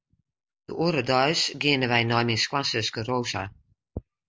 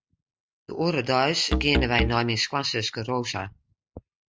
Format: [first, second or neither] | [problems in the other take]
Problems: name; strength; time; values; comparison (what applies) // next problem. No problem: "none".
first | noise reduction (neural mask model RNNoise)